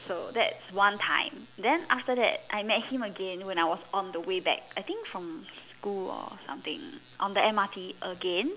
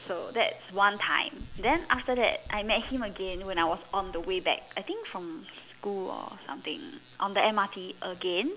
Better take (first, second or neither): first